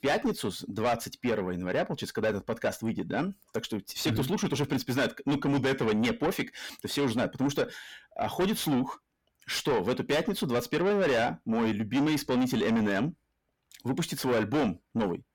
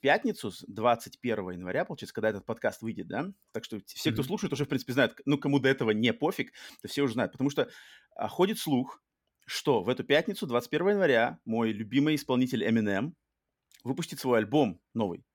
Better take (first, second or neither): second